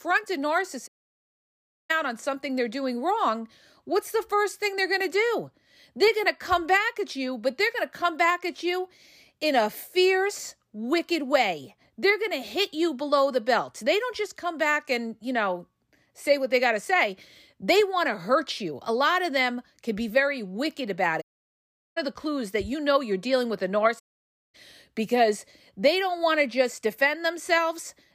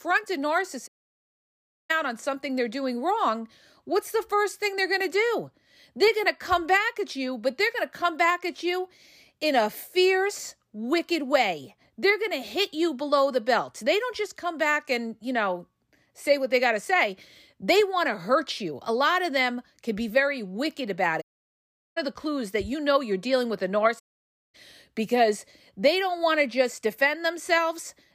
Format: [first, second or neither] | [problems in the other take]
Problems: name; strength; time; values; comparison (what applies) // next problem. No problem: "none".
neither | audio cutting out; at 1 s for 1 s, at 21 s for 0.5 s and at 24 s for 0.5 s; the same in both